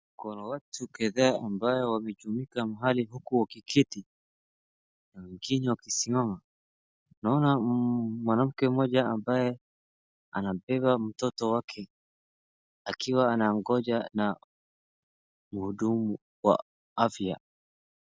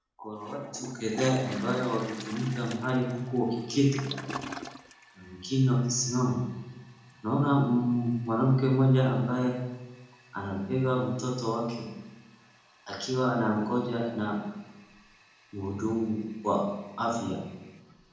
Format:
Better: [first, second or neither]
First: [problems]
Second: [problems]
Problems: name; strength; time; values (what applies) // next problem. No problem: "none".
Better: first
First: none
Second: background sound (Toilet flush); 18 dB below the speech // room echo; dies away in 0.9 s